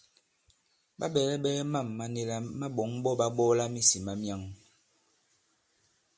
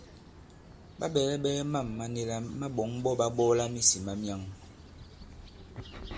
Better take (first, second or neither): first